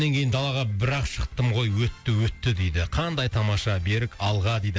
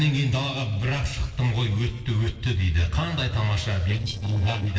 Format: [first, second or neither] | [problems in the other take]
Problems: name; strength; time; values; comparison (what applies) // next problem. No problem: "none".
first | noise reduction (neural separator model SepFormer DNS4)